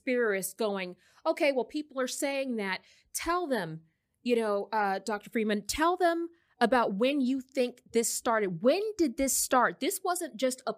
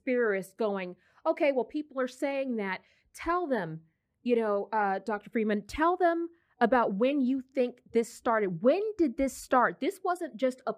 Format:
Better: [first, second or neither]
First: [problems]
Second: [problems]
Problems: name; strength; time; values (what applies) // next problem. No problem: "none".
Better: first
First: none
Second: muffled; slightly; fading above 3.5 kHz